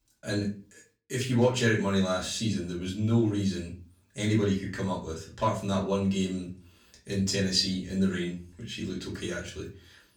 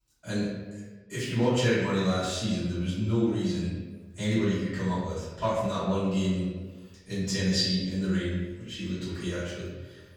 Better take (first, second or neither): first